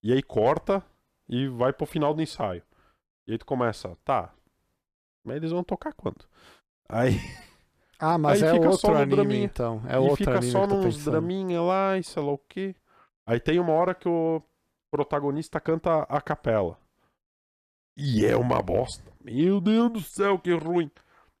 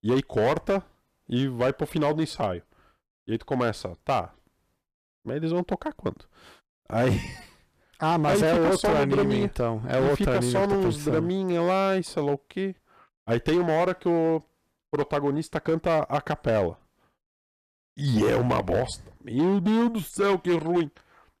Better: first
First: none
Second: distortion; slight; 9% of the sound clipped

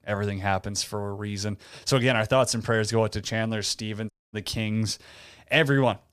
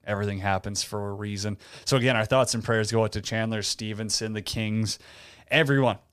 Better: second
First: audio cutting out; at 4 s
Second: none

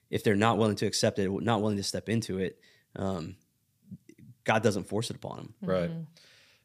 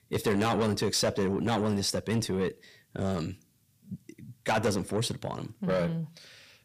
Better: first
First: none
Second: distortion; heavy; 7 dB below the speech

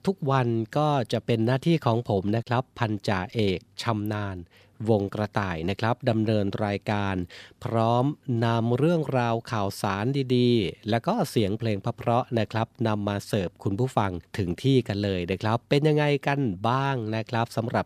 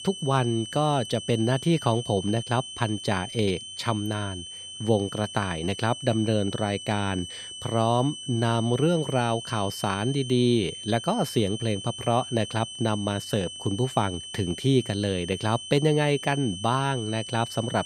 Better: first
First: none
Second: high-pitched whine; loud; throughout; 3 kHz, 10 dB below the speech

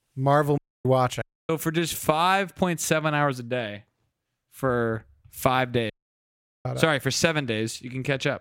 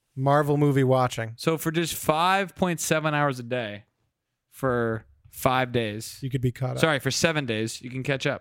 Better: second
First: audio cutting out; at 0.5 s, at 1 s and at 6 s for 1 s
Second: none

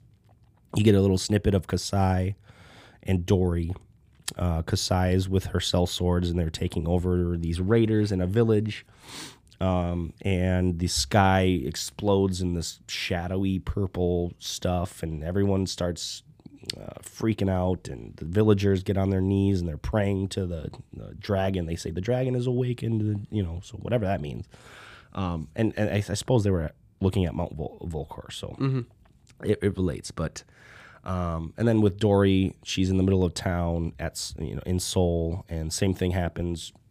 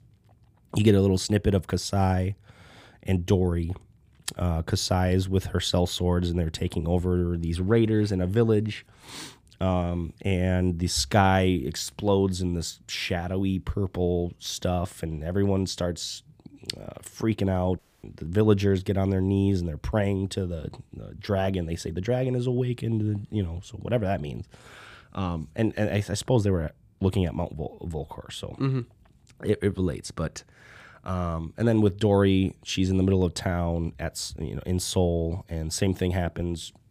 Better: first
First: none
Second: audio cutting out; at 18 s

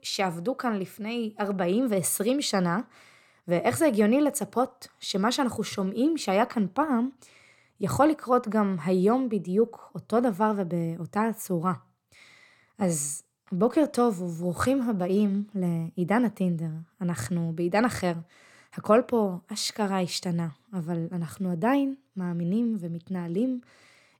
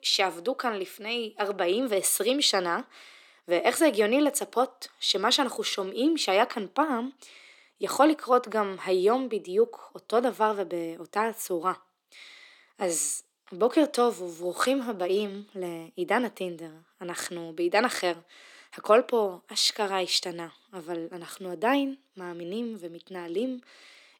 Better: first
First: none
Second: thin; somewhat; fading below 300 Hz

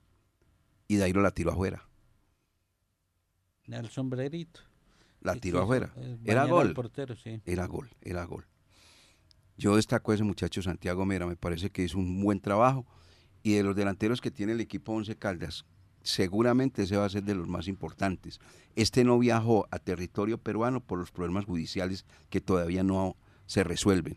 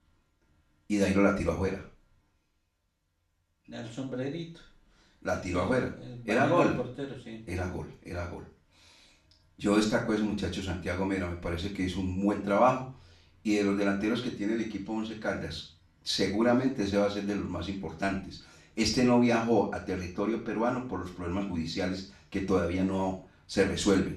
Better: first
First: none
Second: room echo; noticeable; dies away in 0.4 s // off-mic speech; far

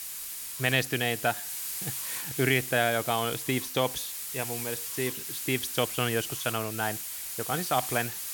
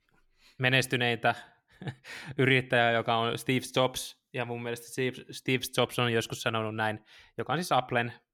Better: second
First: hiss; loud; throughout; 4 dB below the speech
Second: none

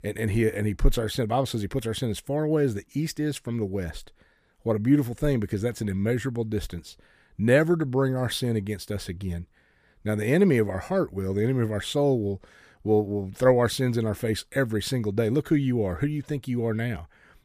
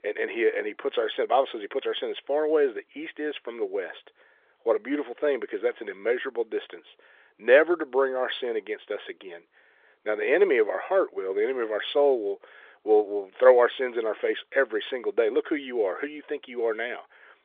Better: first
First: none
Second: phone-call audio; nothing above 3.5 kHz

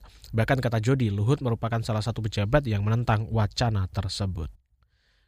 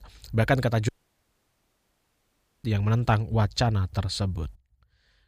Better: first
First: none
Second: audio cutting out; at 1 s for 2 s

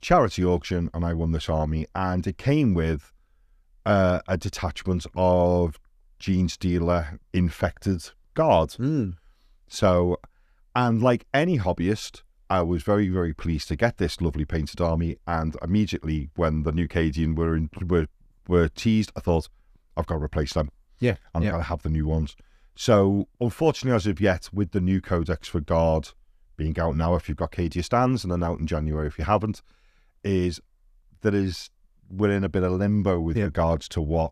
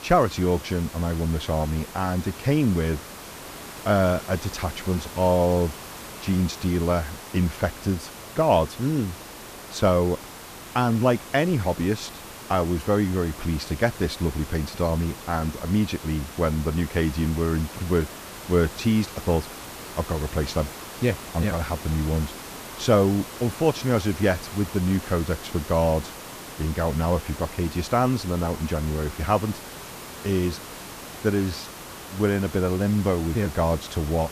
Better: first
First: none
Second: hiss; noticeable; throughout; 15 dB below the speech

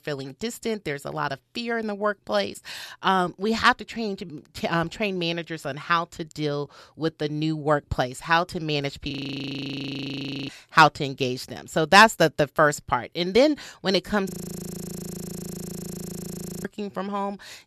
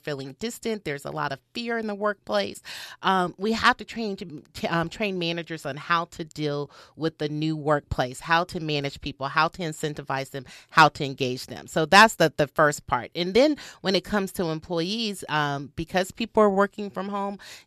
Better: second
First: audio freezing; at 9 s for 1.5 s and at 14 s for 2.5 s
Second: none

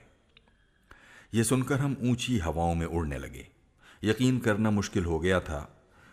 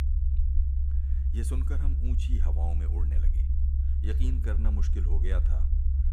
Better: first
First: none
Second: low rumble; loud; throughout; 2 dB below the speech

